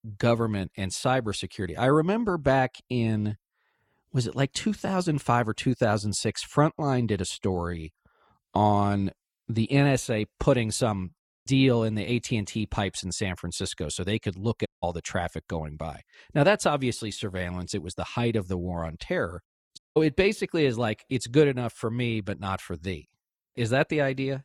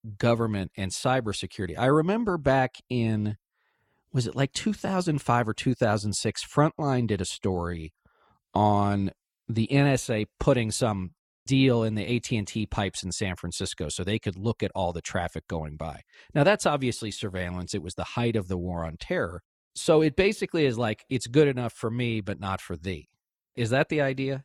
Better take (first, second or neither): second